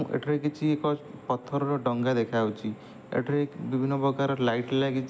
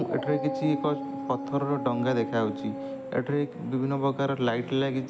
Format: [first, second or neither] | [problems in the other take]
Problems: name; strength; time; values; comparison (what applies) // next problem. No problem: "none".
first | background sound (Dog); 7 dB below the speech